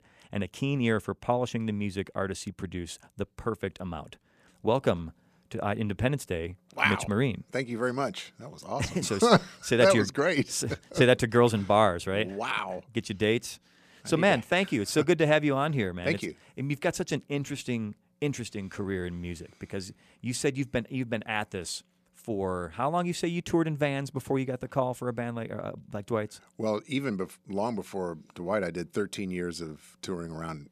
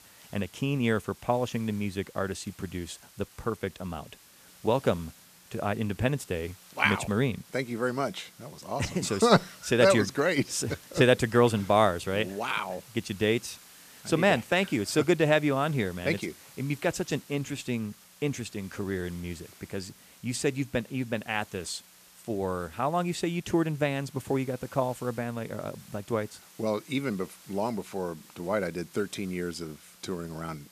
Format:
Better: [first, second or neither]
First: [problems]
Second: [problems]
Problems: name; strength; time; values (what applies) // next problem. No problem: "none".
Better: first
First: none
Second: hiss; faint; throughout; 20 dB below the speech